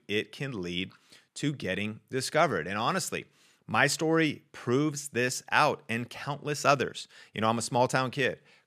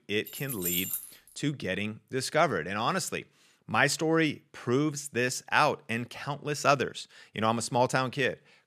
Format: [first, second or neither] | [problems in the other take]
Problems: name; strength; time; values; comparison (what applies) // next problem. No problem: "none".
first | jangling keys; noticeable; at 0.5 s; peak 1 dB below the speech